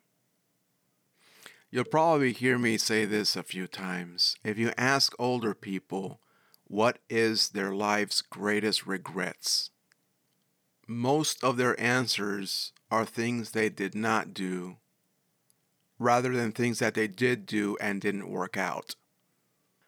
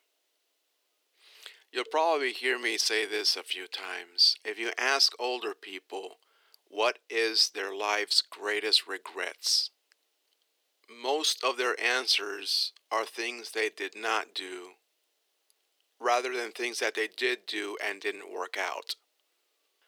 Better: first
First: none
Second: thin; very; fading below 350 Hz

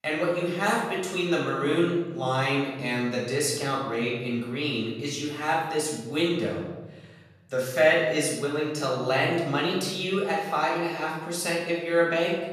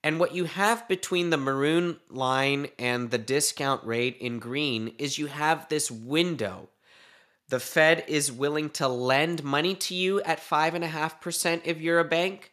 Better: second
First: room echo; noticeable; dies away in 1.2 s // off-mic speech; far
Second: none

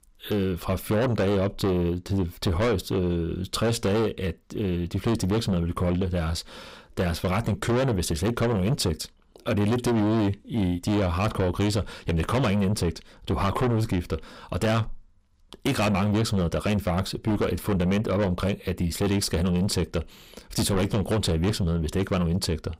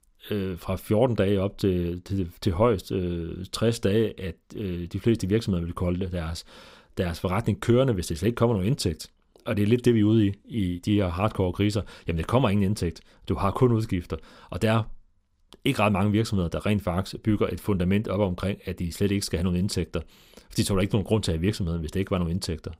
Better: second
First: distortion; heavy; 7 dB below the speech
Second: none

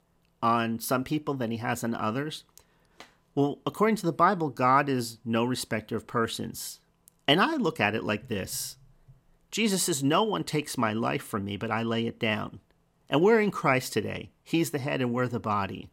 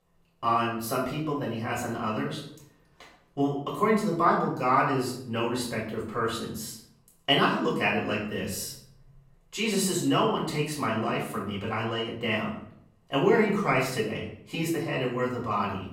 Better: first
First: none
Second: off-mic speech; far // room echo; noticeable; dies away in 0.5 s

